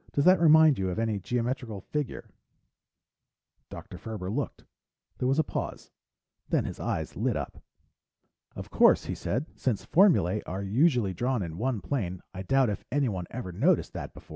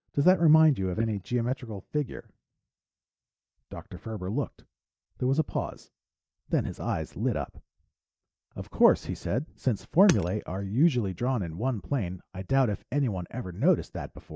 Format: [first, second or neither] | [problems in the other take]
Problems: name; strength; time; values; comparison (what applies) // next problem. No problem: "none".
first | noise reduction (neural mask model DeepFilterNet 3)